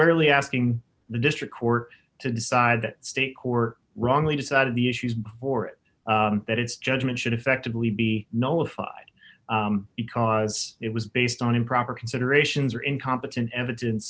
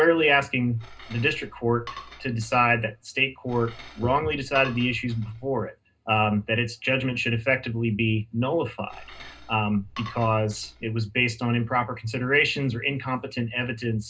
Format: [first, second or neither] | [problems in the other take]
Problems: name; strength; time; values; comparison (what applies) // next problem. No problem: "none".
first | background sound (Cutlery, silverware / Dishes, pots, and pans); 18 dB below the speech // room echo; dies away in 0.2 s